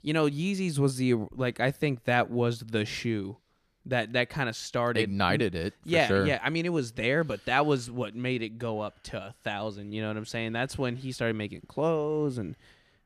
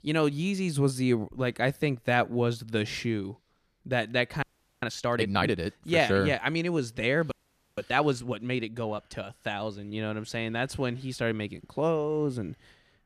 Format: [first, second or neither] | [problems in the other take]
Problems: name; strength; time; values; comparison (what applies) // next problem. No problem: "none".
first | audio freezing; at 4.5 s and at 7.5 s